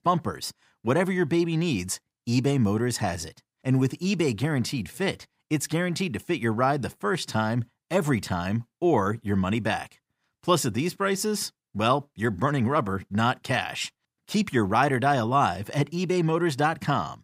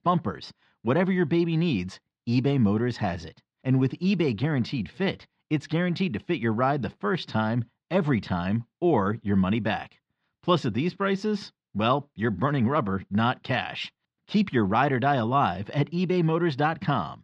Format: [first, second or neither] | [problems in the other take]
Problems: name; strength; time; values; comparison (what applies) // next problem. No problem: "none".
first | muffled; slightly; fading above 4 kHz